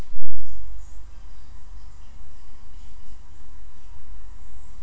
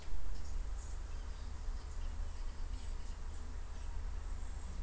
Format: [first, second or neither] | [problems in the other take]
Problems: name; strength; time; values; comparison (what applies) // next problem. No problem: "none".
second | room echo; dies away in 0.3 s